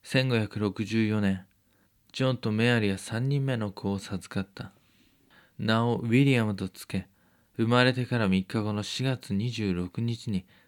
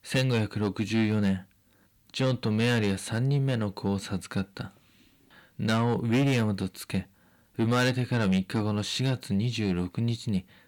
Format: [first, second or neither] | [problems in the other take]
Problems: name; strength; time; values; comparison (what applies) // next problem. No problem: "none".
first | distortion; slight; 10 dB below the speech